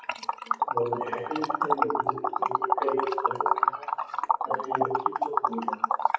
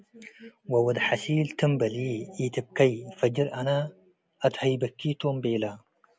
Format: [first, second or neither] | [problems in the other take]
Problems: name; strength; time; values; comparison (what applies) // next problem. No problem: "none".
second | noise reduction (classical method WPE with log-MMSE)